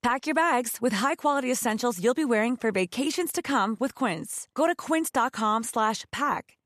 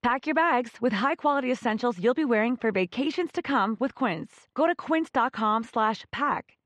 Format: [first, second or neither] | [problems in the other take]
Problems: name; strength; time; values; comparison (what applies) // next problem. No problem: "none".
first | muffled; slightly; fading above 3.5 kHz